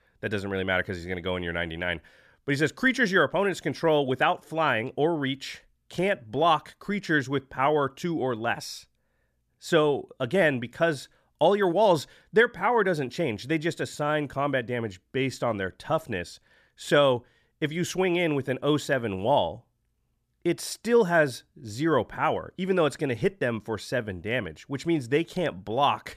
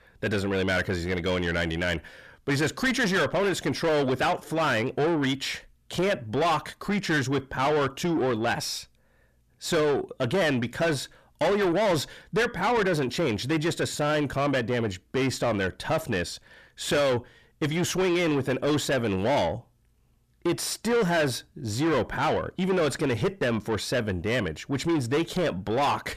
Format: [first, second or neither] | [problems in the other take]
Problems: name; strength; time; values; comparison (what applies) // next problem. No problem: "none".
first | distortion; heavy; 6 dB below the speech